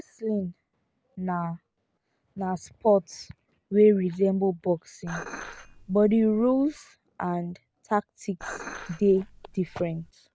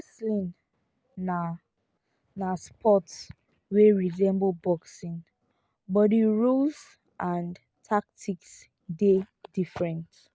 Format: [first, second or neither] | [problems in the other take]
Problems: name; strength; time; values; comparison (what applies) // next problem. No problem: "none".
second | background sound (Dishes, pots, and pans); 15 dB below the speech